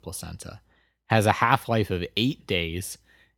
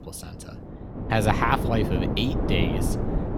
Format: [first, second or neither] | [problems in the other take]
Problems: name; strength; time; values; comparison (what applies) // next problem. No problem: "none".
first | wind noise on the microphone; heavy; 6 dB below the speech